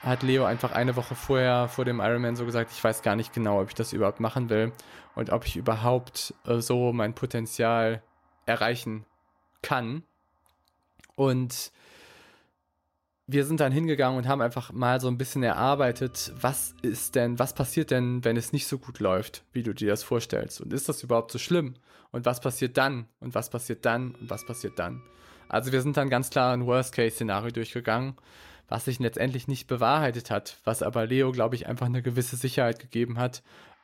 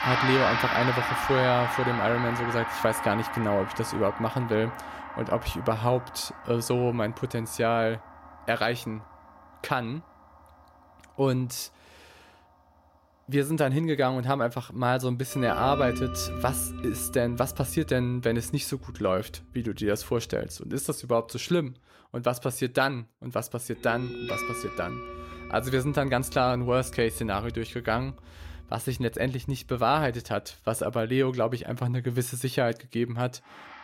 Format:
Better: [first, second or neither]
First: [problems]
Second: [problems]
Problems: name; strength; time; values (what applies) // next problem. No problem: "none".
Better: first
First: background music; faint; throughout; 25 dB below the speech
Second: background music; loud; throughout; 5 dB below the speech